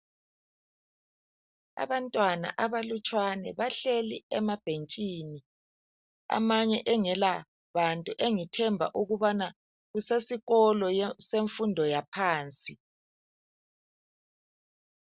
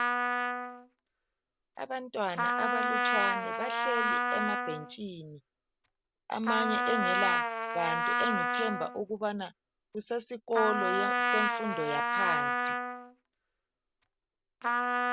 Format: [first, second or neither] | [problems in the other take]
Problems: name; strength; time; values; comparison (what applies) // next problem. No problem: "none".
first | background sound (Trumpet); 4 dB above the speech